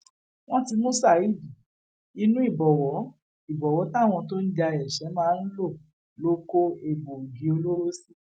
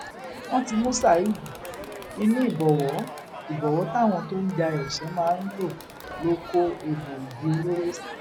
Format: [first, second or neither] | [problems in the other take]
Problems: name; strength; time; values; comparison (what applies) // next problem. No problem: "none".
first | background sound (Crowd); 12 dB below the speech